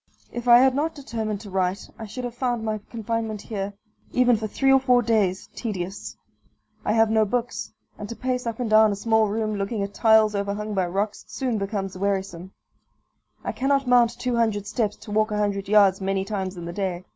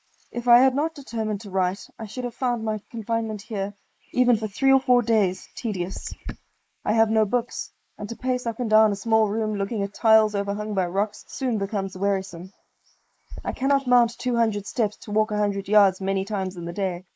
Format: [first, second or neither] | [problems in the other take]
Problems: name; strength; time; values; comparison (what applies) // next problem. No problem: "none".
first | noise reduction (neural mask model Resemble Enhance denoiser)